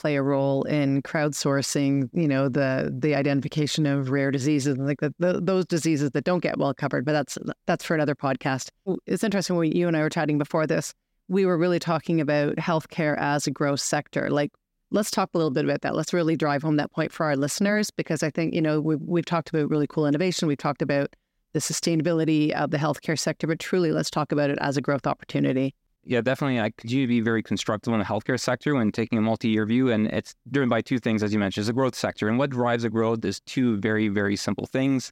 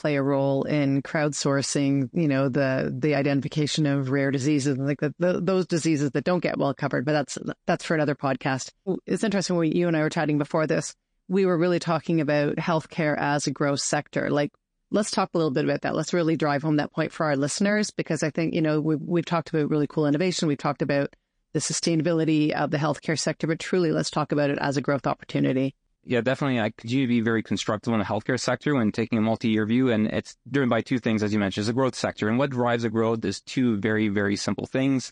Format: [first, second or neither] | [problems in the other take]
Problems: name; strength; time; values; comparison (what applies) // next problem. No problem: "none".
first | garbled, watery; slightly; nothing above 9 kHz